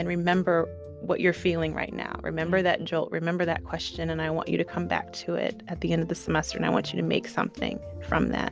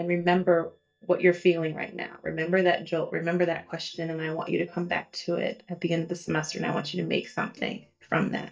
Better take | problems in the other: first | noise reduction (neural mask model DeepFilterNet 3)

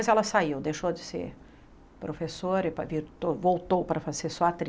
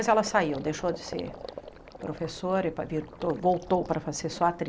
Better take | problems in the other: first | background sound (Gurgling); 16 dB below the speech

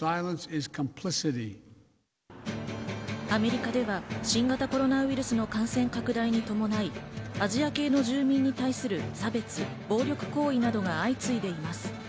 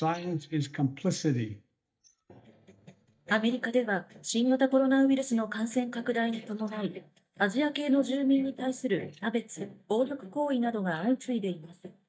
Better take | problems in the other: first | noise reduction (neural mask model DeepFilterNet 3)

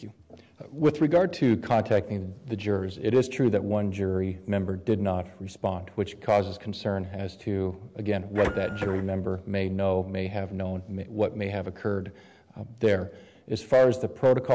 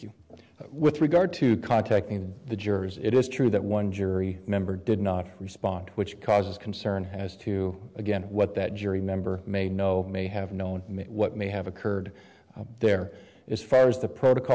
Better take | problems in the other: second | background sound (Printer); 8 dB below the speech

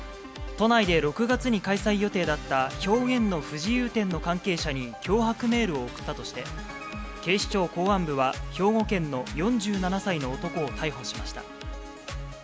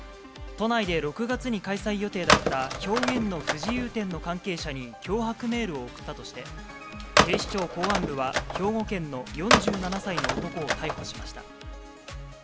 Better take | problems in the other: first | background sound (Telephone); 2 dB above the speech

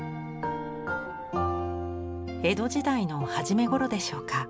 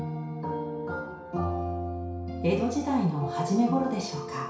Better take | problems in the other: first | room echo; dies away in 0.6 s

